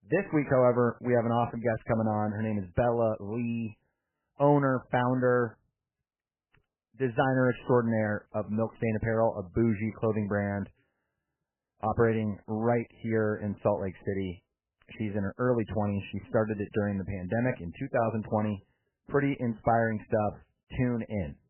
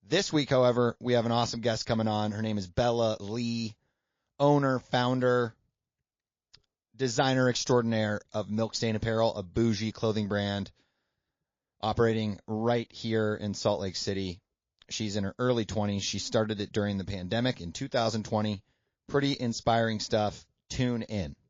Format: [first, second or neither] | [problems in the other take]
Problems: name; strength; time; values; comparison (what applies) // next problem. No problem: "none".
second | garbled, watery; badly; nothing above 3 kHz; slightly in the second